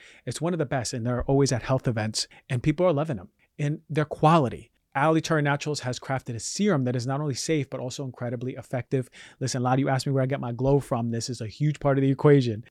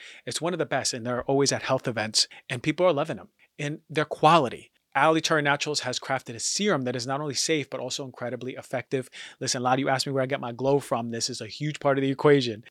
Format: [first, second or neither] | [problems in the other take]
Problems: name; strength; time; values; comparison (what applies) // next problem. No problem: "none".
first | thin; very slightly; fading below 900 Hz